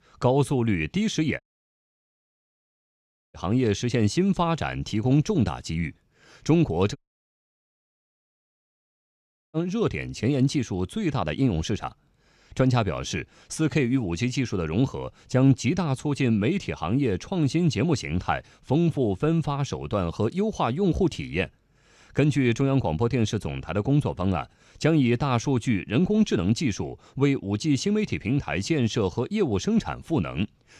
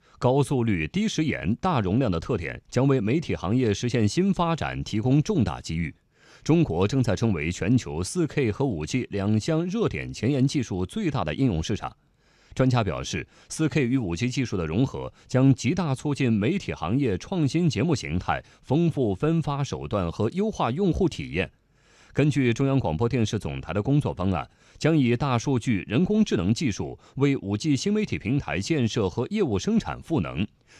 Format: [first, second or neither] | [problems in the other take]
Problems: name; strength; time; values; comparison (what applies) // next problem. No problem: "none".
second | audio cutting out; at 1.5 s for 2 s and at 7 s for 2.5 s